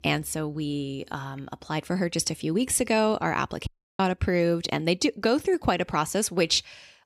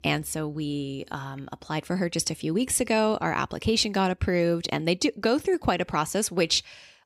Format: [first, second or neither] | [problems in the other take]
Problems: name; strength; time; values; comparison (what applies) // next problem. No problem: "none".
second | audio cutting out; at 3.5 s